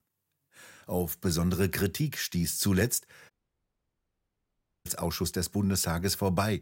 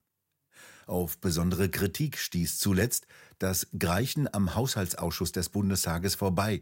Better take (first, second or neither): second